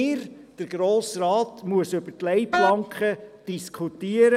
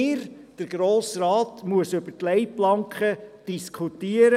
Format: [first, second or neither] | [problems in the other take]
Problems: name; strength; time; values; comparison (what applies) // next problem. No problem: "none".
second | background sound (Wind instrument, woodwind instrument); 2 dB below the speech